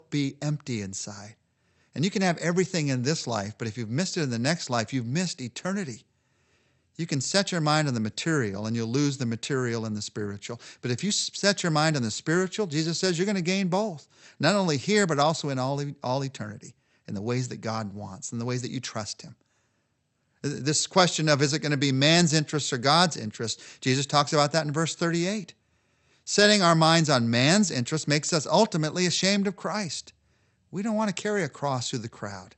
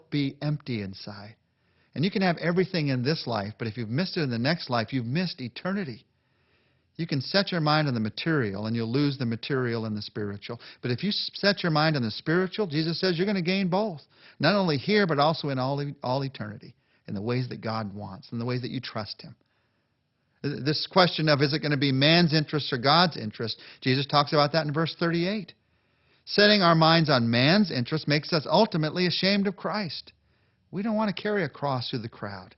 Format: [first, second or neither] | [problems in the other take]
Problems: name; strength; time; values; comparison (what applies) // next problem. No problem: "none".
first | garbled, watery; badly; nothing above 5.5 kHz; slightly in the first